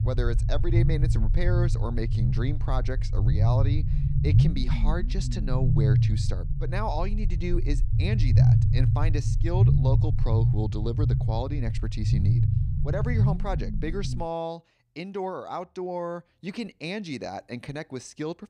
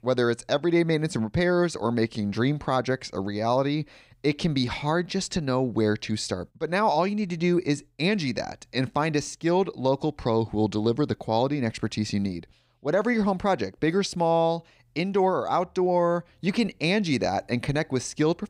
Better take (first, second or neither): second